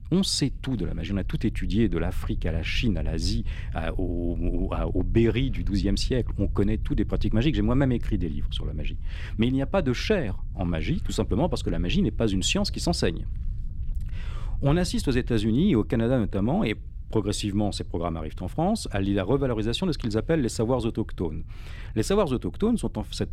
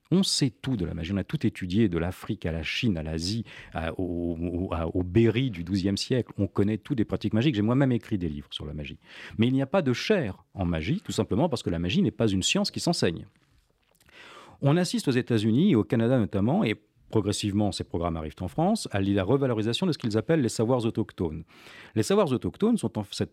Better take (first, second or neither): second